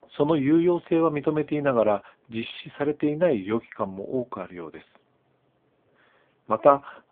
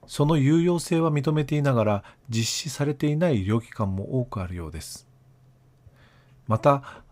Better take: second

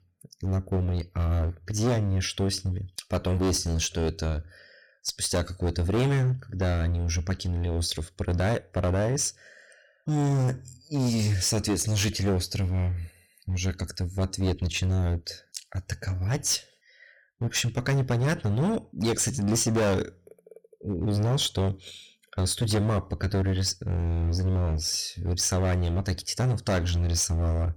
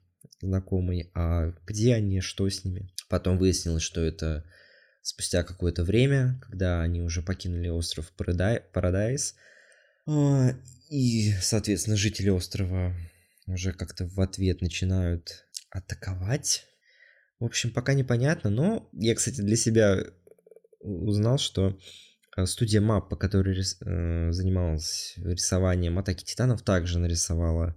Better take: second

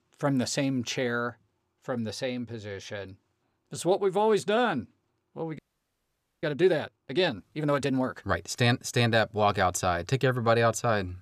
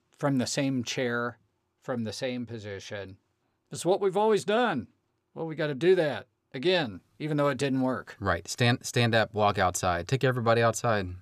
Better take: second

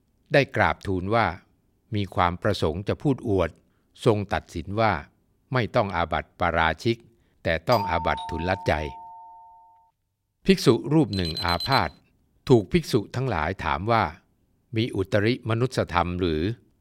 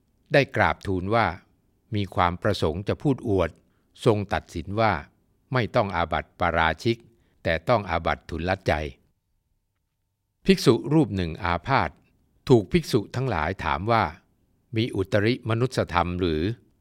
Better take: second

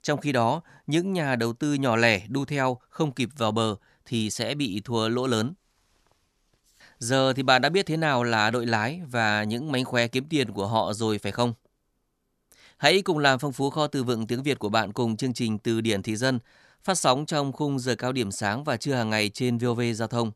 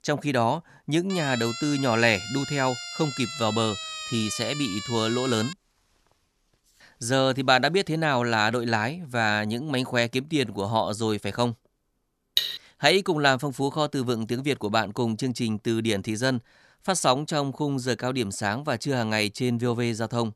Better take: first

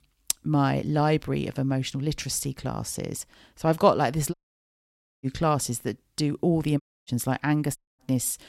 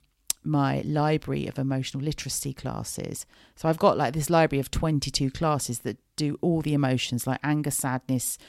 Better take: second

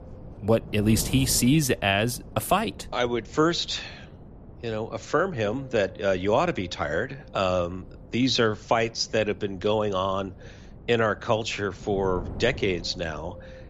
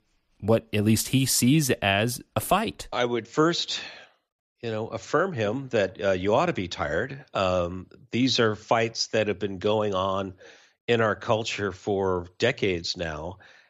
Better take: second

